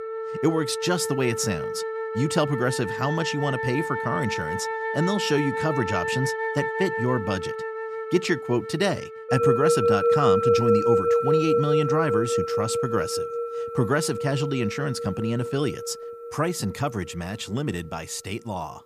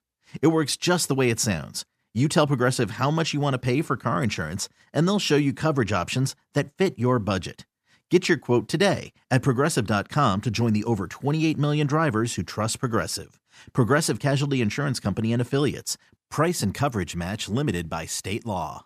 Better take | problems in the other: second | background music; very loud; throughout; as loud as the speech

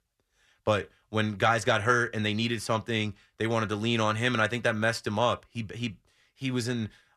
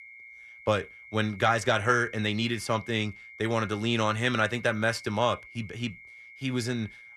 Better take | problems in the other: first | high-pitched whine; noticeable; throughout; 2 kHz, 15 dB below the speech

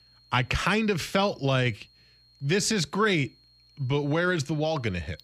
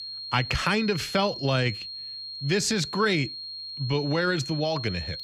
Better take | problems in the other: first | high-pitched whine; loud; throughout; 4 kHz, 8 dB below the speech; faint in the first

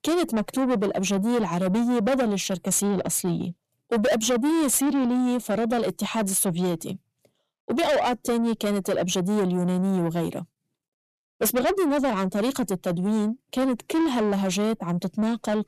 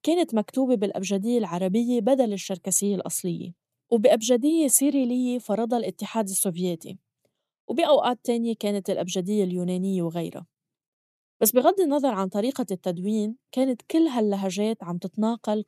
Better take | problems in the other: second | distortion; heavy; 7 dB below the speech

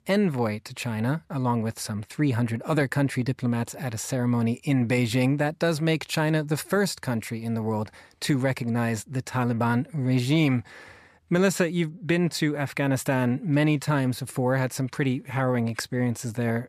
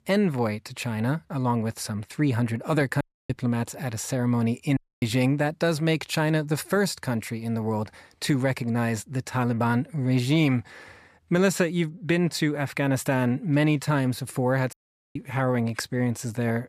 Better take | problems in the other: first | audio cutting out; at 3 s, at 5 s and at 15 s

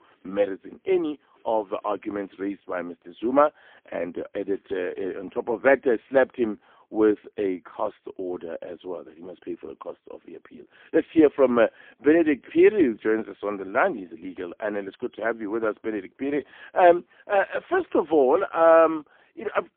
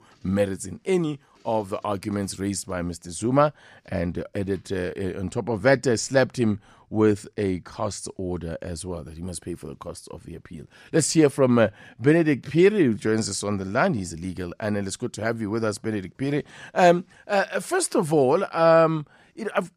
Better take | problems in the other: second | phone-call audio; poor line

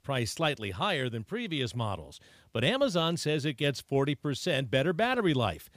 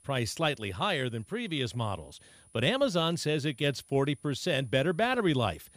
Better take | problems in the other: first | high-pitched whine; faint; throughout; 10 kHz, 30 dB below the speech

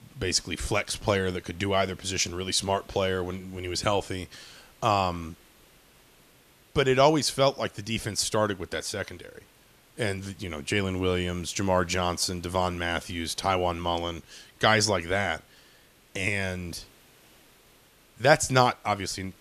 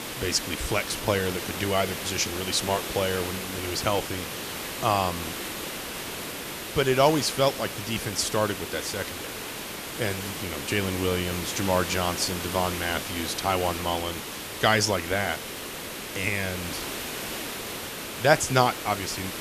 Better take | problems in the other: first | hiss; loud; throughout; 6 dB below the speech; faint in the first

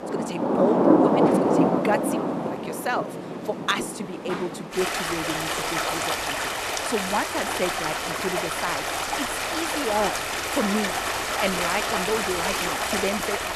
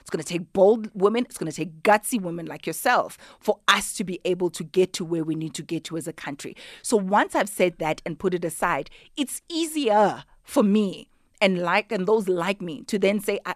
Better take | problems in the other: second | rain or running water; very loud; throughout; 5 dB above the speech

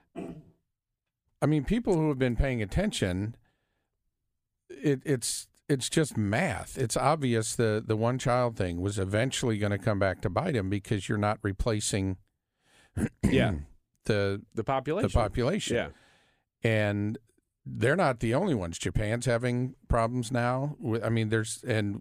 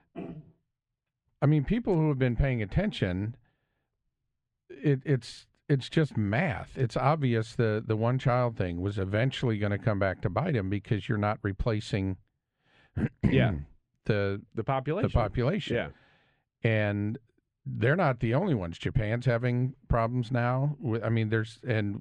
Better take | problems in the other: first | muffled; slightly; fading above 3 kHz

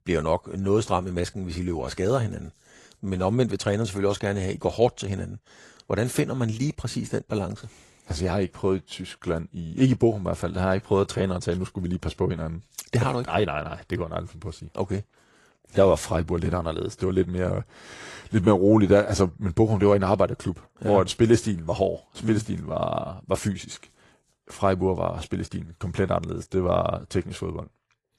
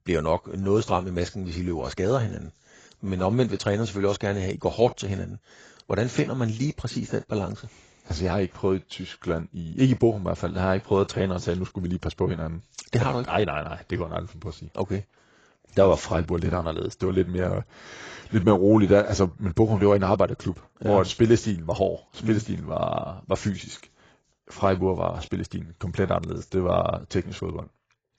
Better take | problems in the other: first | garbled, watery; badly; nothing above 7.5 kHz; slightly in the first

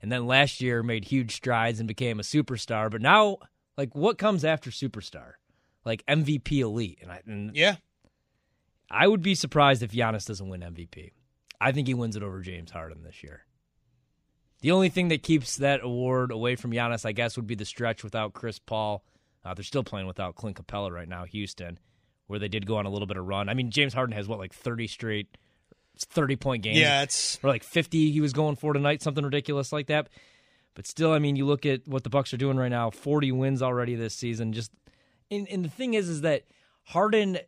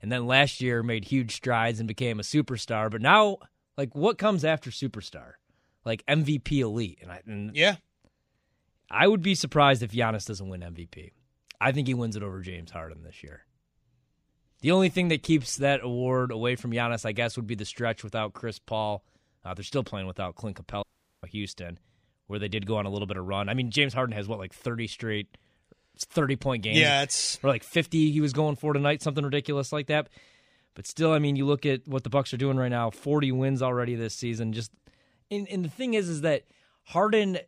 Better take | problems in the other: first | audio cutting out; at 21 s

